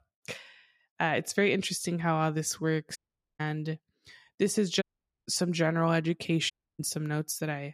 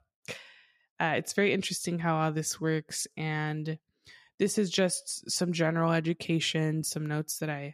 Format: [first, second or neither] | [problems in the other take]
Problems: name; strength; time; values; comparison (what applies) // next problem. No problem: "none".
second | audio cutting out; at 3 s, at 5 s and at 6.5 s